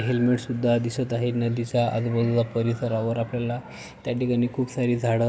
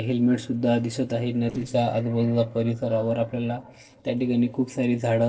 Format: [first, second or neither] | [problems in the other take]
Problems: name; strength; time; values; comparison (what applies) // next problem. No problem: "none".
first | noise reduction (neural separator model SepFormer DNS4)